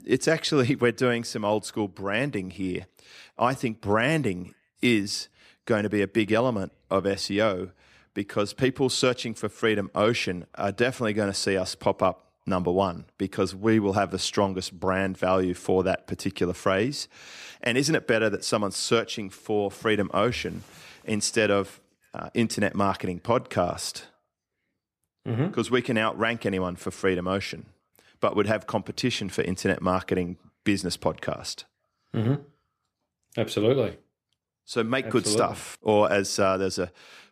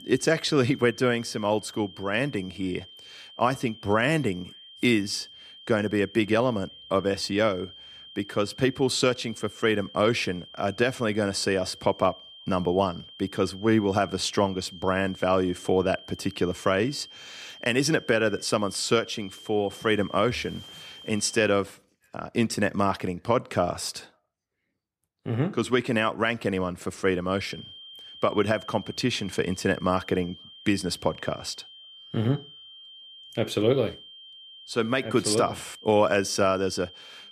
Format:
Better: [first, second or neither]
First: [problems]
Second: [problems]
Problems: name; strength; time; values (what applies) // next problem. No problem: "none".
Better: first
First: none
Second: high-pitched whine; noticeable; until 21 s and from 27 s on; 3 kHz, 20 dB below the speech